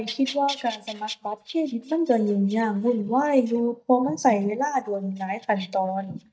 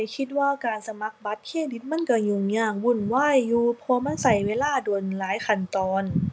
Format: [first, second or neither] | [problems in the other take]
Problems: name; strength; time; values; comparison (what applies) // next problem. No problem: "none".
second | noise reduction (neural mask model DeepFilterNet 3)